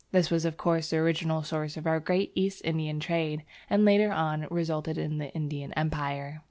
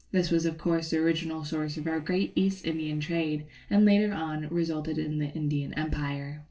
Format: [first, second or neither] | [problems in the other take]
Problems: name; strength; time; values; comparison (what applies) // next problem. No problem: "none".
first | noise reduction (neural separator model SepFormer DNS4)